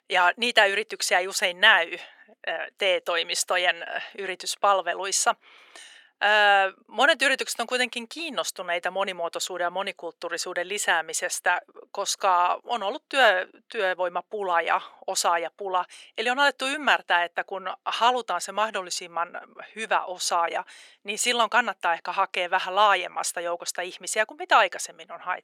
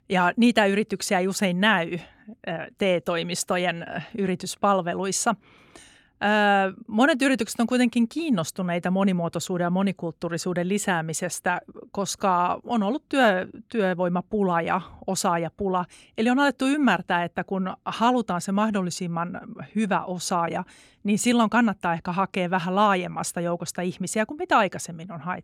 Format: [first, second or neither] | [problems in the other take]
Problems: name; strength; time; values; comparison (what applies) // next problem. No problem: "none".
second | thin; very; fading below 500 Hz